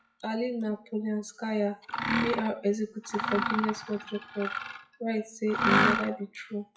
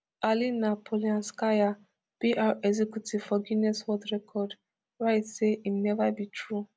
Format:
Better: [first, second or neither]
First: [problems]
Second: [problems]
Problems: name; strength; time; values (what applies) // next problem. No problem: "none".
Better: second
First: noise reduction (classical method WPE with log-MMSE)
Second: none